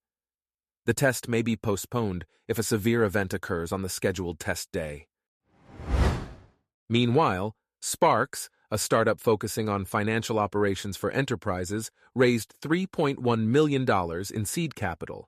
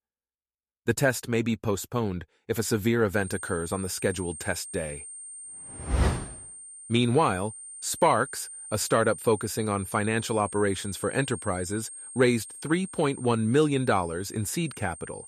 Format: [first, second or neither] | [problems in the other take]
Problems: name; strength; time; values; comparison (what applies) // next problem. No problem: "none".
first | high-pitched whine; noticeable; from 3 s on; 8.5 kHz, 10 dB below the speech